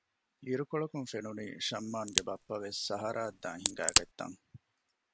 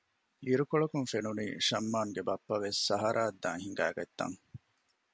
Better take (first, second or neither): second